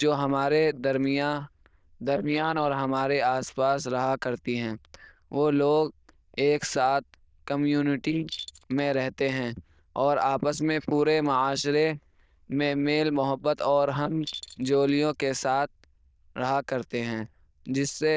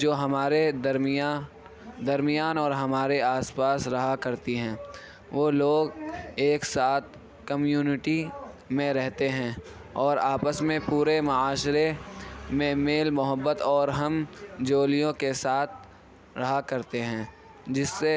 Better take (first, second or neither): second